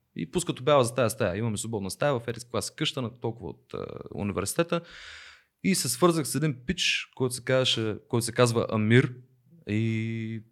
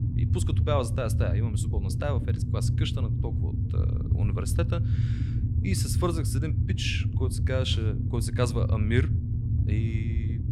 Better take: first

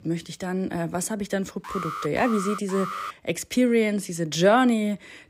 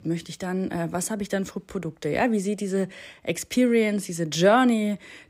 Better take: second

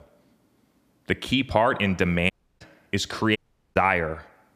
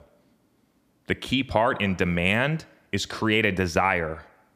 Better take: second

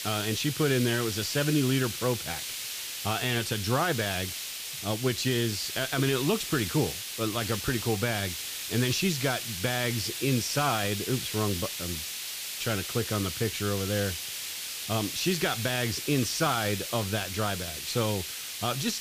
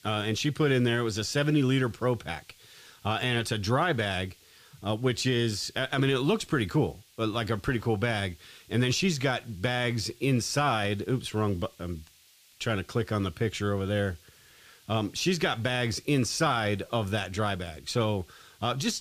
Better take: second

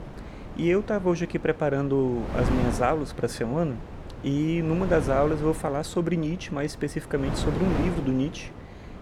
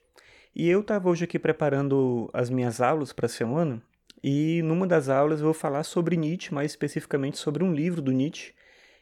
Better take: second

